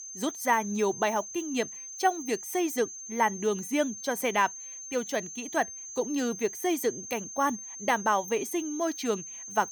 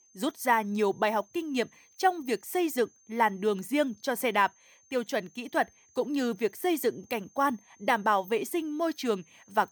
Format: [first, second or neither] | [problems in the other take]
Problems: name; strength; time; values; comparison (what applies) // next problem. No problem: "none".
second | high-pitched whine; loud; throughout; 6.5 kHz, 9 dB below the speech; faint in the second